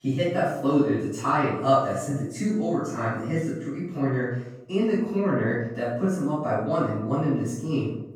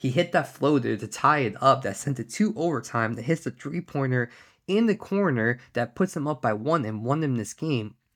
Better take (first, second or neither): second